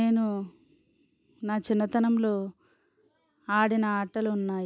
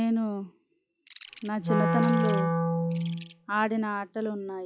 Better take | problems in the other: first | noise reduction (classical method log-MMSE)

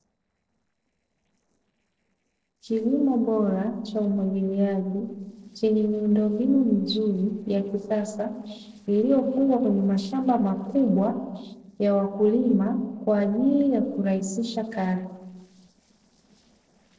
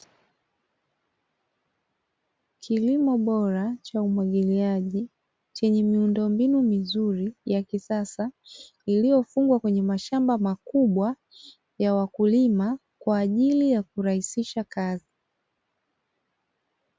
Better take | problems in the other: second | noise reduction (neural separator model SepFormer DNS4)

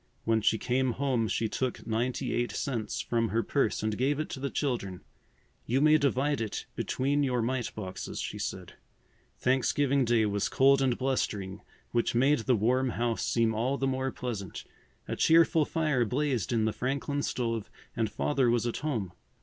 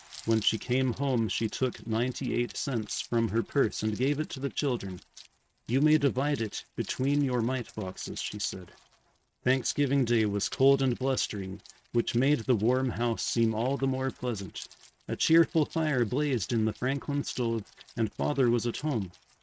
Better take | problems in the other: first | noise reduction (neural mask model RNNoise)

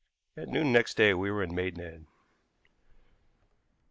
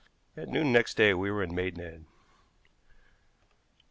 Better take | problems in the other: second | noise reduction (neural mask model Resemble Enhance denoiser)

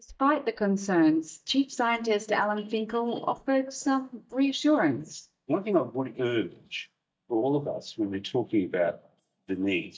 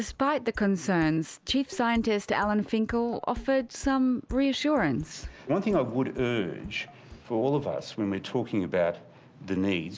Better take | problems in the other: second | noise reduction (neural mask model DeepFilterNet 3)

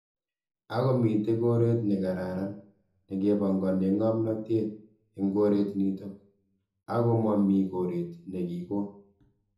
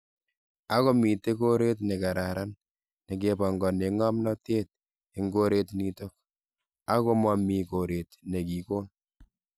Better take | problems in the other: second | room echo; dies away in 0.9 s

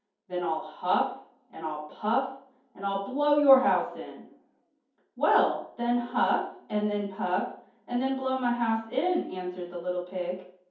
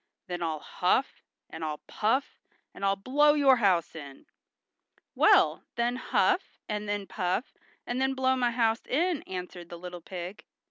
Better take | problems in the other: second | room echo; dies away in 0.6 s

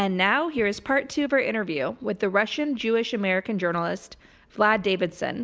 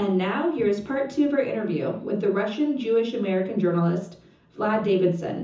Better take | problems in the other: first | room echo; dies away in 0.6 s

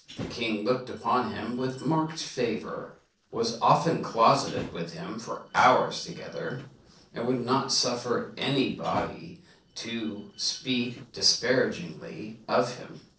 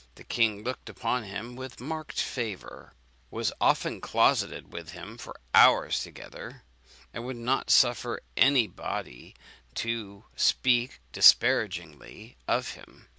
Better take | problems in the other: second | noise reduction (neural separator model SepFormer DNS4)

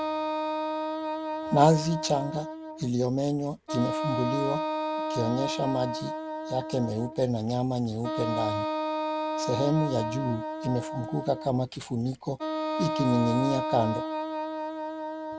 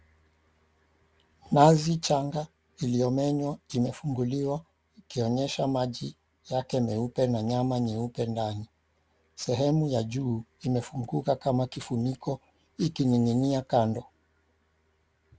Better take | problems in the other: second | background sound (Wind instrument, woodwind instrument); 3 dB below the speech

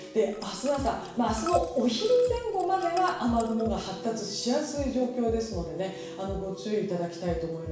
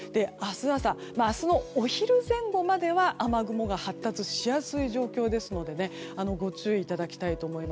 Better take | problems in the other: second | background sound (Liquid); 18 dB below the speech // room echo; dies away in 0.7 s

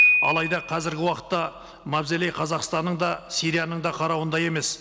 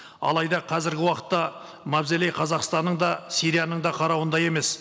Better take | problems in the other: second | background sound (Piano); 3 dB below the speech

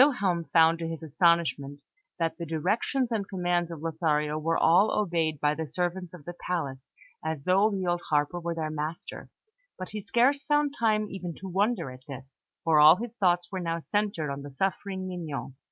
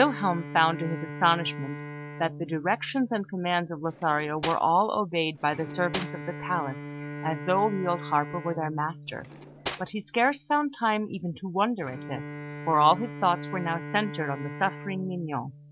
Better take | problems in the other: first | background sound (Cutlery, silverware + Bowed string instrument); 11 dB below the speech

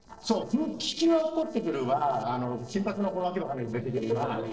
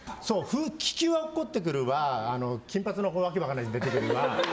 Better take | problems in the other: second | noise reduction (neural separator model SepFormer DNS4)

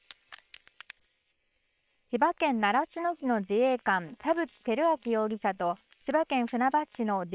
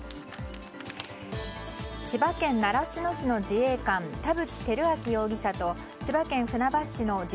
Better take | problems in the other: second | noise reduction (neural separator model SepFormer WHAM!)

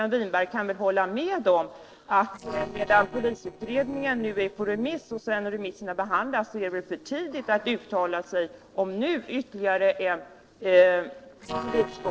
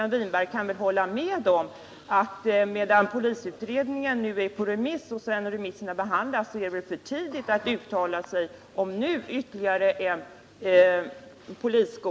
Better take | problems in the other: second | noise reduction (neural separator model SepFormer DNS4)

